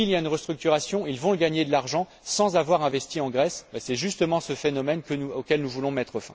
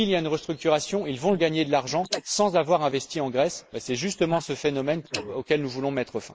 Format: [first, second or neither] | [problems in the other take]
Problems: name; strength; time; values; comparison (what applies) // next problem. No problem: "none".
first | noise reduction (neural mask model Resemble Enhance denoiser)